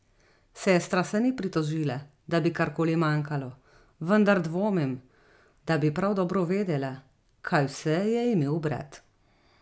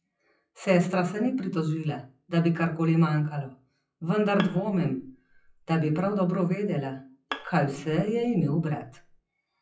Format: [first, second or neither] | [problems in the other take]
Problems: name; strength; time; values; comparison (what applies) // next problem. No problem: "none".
first | noise reduction (classical method WPE with log-MMSE)